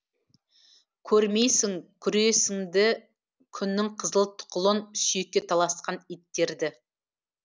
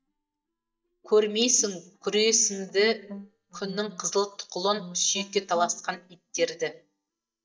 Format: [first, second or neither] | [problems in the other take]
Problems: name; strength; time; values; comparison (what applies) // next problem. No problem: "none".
first | noise reduction (neural mask model DeepFilterNet 3)